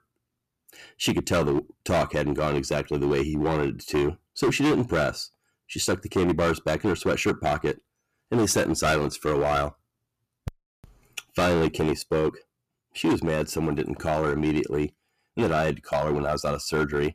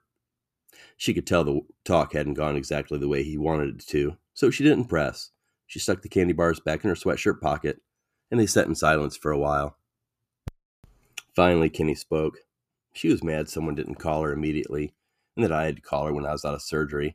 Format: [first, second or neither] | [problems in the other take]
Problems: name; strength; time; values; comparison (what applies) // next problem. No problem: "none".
second | distortion; heavy; 10% of the sound clipped